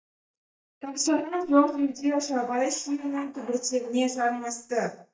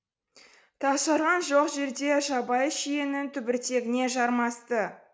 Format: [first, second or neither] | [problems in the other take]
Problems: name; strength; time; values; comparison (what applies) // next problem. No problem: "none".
second | noise reduction (neural mask model DeepFilterNet 3)